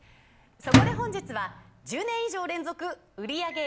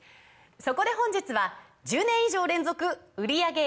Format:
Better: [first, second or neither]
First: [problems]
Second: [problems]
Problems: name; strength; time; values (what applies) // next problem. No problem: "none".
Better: second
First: background sound (Microwave oven); 4 dB above the speech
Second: none